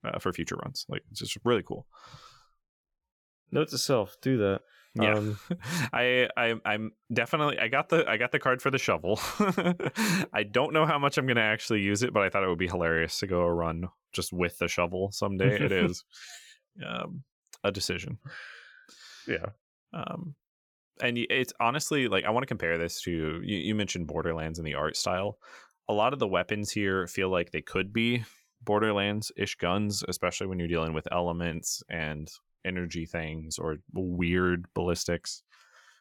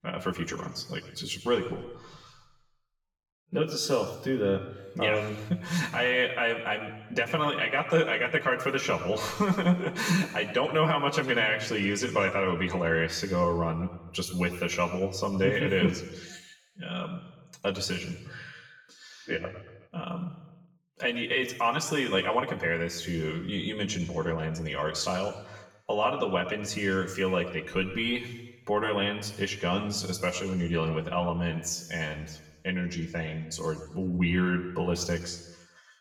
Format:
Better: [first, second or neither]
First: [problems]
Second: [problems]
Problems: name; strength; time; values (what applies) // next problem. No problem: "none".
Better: first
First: none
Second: room echo; slight; dies away in 1 s // off-mic speech; somewhat distant